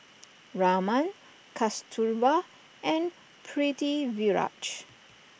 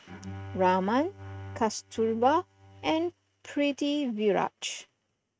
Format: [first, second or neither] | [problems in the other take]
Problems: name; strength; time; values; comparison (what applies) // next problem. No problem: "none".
first | noise reduction (neural mask model RNNoise)